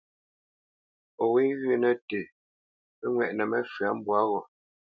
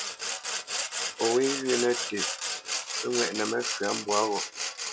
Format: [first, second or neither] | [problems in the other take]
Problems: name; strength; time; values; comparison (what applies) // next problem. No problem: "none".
first | background sound (Sawing); 2 dB below the speech